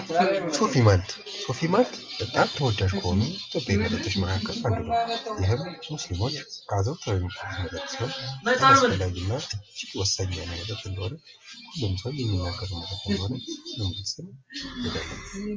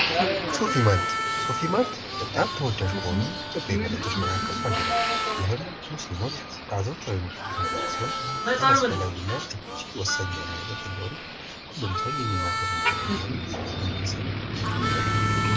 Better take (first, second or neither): first